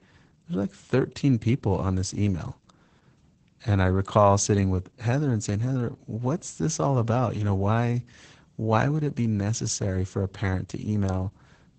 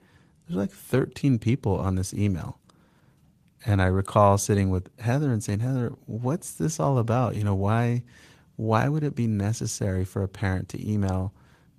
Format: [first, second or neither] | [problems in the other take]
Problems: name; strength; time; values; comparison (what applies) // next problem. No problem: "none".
second | garbled, watery; badly; nothing above 8 kHz; slightly in the second